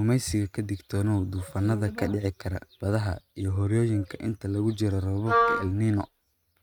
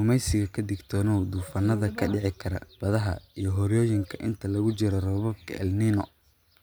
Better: second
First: noise reduction (neural mask model RNNoise)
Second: none

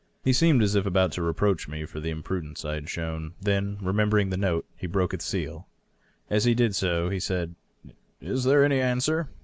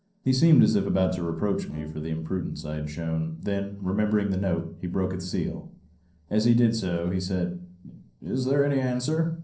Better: first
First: none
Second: noise reduction (neural separator model SepFormer DNS4)

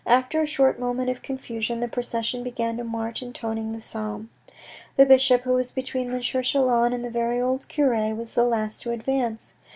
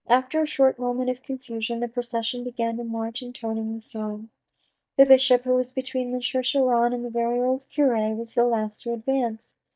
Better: first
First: none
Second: noise reduction (neural mask model DeepFilterNet 3)

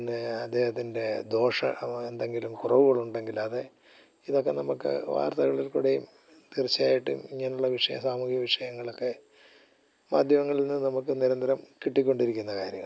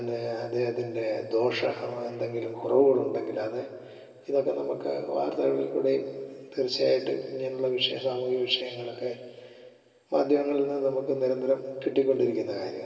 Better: first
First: none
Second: room echo; dies away in 2.8 s

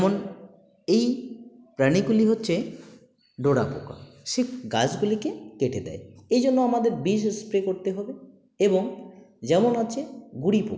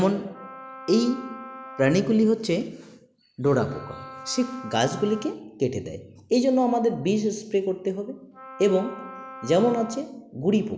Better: first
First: none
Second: background sound (Wind instrument, woodwind instrument); 16 dB below the speech

